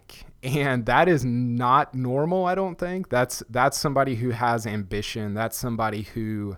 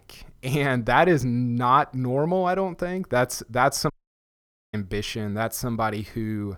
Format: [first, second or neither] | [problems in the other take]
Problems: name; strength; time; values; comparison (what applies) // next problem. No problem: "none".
first | audio cutting out; at 4 s for 1 s